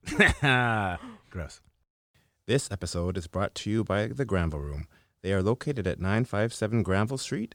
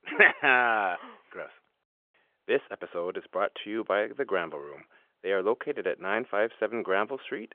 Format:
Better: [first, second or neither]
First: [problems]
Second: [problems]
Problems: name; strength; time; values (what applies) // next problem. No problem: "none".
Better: first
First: none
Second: phone-call audio